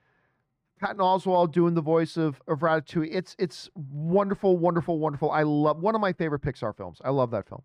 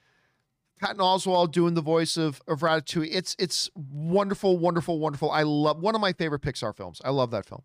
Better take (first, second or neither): second